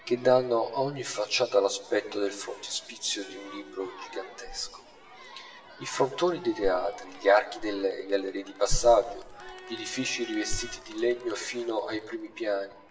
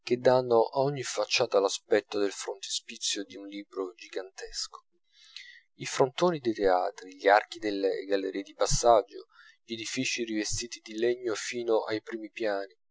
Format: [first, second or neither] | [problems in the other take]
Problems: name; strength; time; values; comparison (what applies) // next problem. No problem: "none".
second | background sound (Crowd); 19 dB below the speech // room echo; dies away in 0.9 s